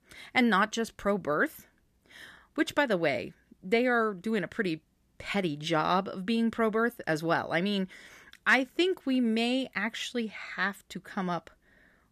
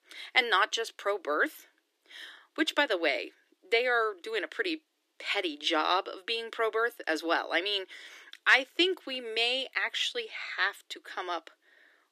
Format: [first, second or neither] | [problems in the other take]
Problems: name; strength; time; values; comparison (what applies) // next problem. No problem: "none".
first | thin; very; fading below 300 Hz